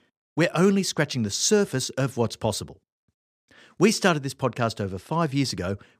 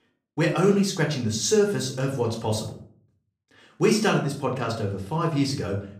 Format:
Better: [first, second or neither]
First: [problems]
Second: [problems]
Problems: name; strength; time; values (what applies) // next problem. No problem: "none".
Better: first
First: none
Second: off-mic speech; somewhat distant // room echo; slight; dies away in 0.4 s